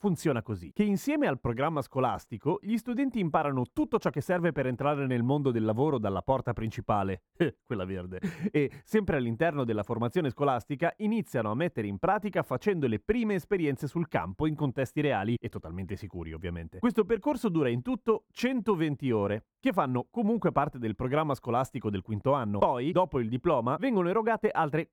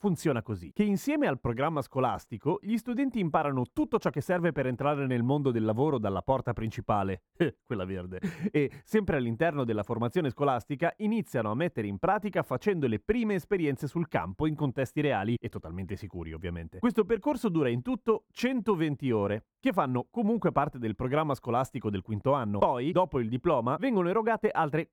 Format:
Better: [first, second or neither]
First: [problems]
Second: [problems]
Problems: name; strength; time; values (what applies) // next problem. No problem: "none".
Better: neither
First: muffled; slightly; fading above 2 kHz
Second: muffled; slightly; fading above 2 kHz